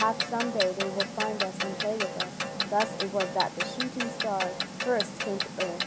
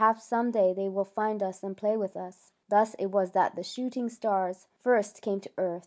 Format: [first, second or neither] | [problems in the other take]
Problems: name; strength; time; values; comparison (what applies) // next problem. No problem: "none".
second | background sound (Clock); 1 dB below the speech